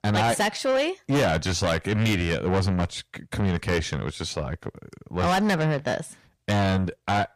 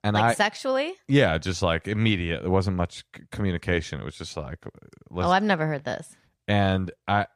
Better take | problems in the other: second | distortion; heavy; 6 dB below the speech

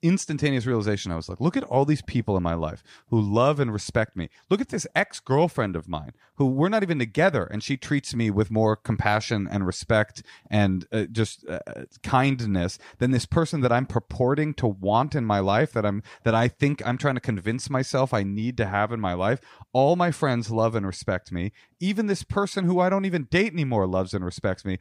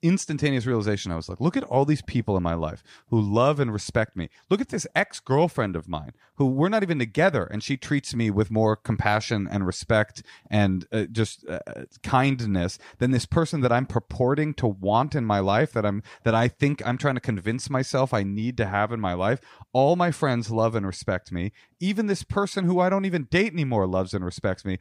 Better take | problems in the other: neither | none

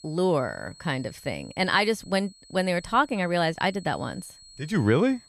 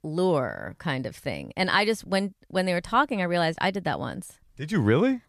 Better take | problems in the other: second | high-pitched whine; faint; throughout; 4.5 kHz, 20 dB below the speech

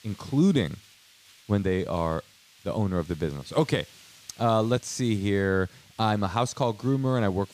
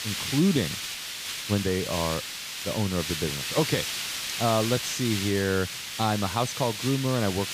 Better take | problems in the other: first | hiss; loud; throughout; 3 dB below the speech; faint in the first

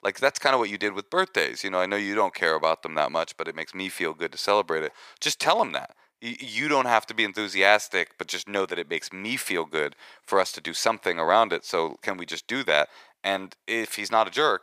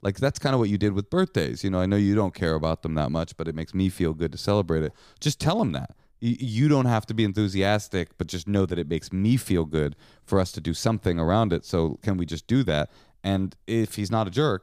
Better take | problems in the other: second | thin; very; fading below 650 Hz

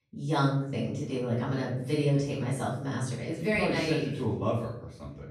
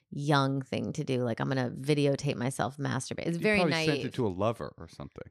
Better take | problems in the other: second | off-mic speech; far // room echo; noticeable; dies away in 0.6 s

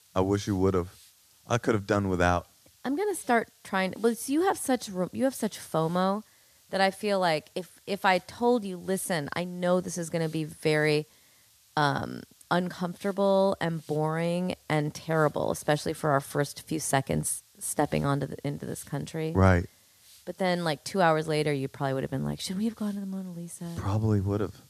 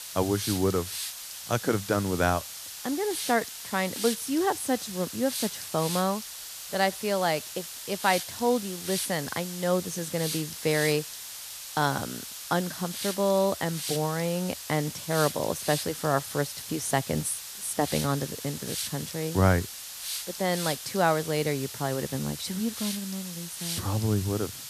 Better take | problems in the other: first | hiss; loud; throughout; 6 dB below the speech; faint in the first

